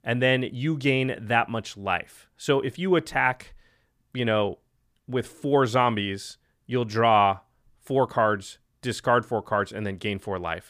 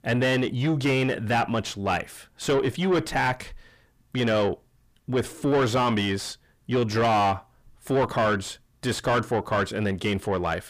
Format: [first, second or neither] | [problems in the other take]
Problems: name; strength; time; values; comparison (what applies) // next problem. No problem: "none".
first | distortion; heavy; 5 dB below the speech